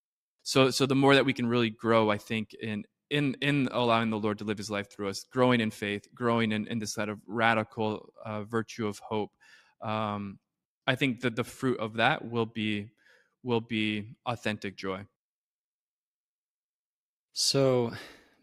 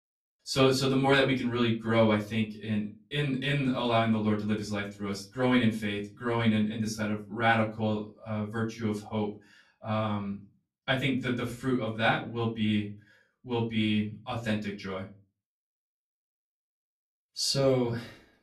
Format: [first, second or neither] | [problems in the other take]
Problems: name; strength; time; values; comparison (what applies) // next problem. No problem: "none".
first | off-mic speech; far // room echo; very slight; dies away in 0.3 s